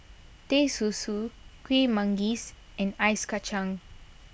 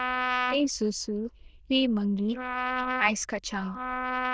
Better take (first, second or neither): first